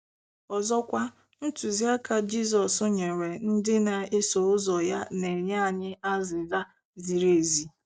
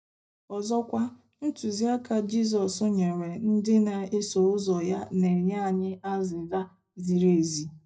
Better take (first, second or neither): first